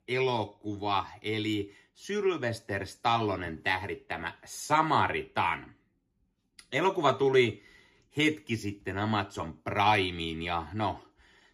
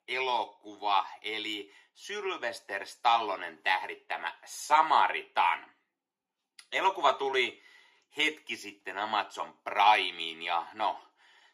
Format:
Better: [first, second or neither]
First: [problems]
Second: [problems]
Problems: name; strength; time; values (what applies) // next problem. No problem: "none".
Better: first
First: none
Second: thin; very; fading below 550 Hz